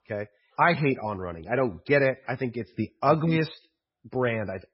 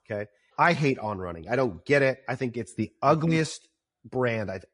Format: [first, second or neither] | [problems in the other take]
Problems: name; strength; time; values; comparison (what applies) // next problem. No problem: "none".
second | garbled, watery; badly; nothing above 5.5 kHz; slightly in the second